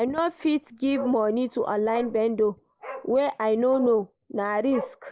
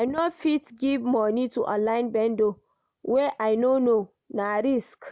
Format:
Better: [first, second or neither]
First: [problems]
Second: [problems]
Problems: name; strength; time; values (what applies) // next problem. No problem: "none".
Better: second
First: noise reduction (neural mask model Resemble Enhance denoiser)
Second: none